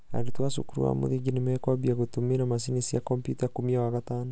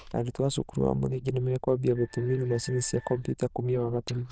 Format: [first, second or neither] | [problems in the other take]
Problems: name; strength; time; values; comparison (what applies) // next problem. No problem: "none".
first | noise reduction (neural diffusion model UNIVERSE++)